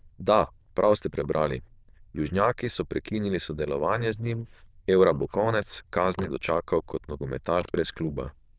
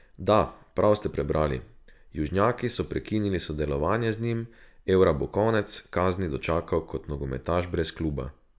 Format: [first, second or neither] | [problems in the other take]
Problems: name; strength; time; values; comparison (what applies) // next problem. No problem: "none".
second | noise reduction (neural diffusion model UNIVERSE++)